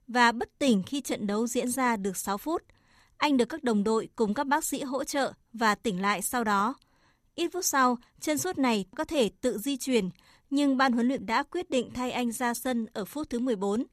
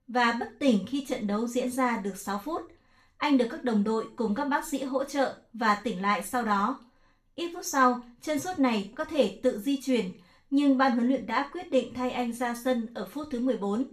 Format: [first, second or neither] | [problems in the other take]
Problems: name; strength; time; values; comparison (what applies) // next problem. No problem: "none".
first | room echo; slight; dies away in 0.3 s // off-mic speech; far